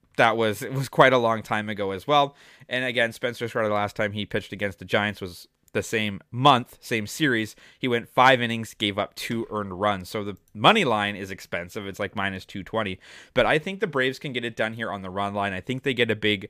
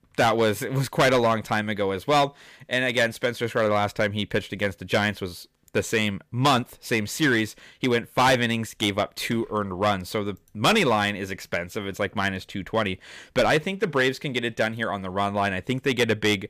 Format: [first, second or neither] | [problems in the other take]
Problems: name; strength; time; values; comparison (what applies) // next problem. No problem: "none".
first | distortion; heavy; 4% of the sound clipped